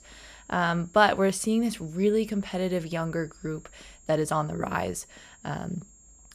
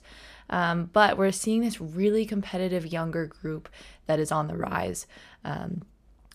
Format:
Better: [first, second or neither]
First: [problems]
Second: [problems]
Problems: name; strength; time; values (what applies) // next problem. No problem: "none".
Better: second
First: high-pitched whine; faint; throughout; 7.5 kHz, 25 dB below the speech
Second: none